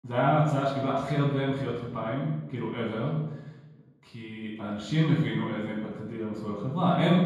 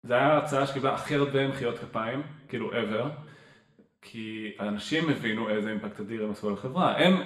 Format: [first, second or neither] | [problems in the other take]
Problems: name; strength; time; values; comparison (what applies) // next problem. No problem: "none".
second | room echo; strong; dies away in 1.3 s; slight in the second // off-mic speech; far; somewhat distant in the second